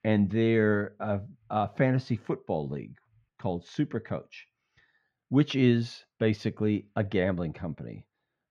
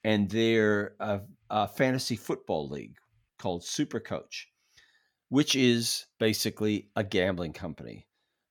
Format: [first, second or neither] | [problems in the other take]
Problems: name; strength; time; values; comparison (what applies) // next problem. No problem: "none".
second | muffled; slightly; fading above 2 kHz